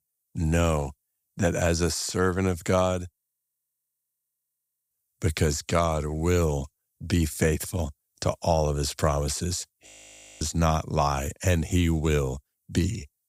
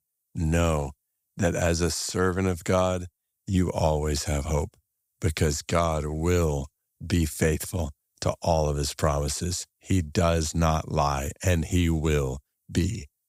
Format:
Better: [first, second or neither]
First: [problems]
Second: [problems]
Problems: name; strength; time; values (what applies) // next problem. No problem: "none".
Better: second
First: audio freezing; at 3 s for 1.5 s and at 10 s for 0.5 s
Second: none